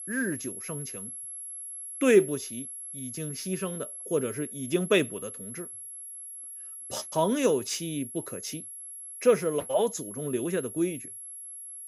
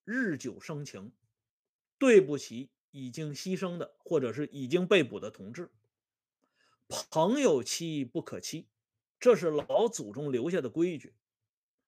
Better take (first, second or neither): second